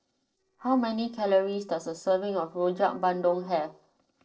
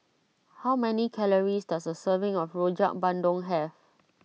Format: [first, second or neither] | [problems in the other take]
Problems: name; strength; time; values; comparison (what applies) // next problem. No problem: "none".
second | noise reduction (neural separator model SepFormer DNS4)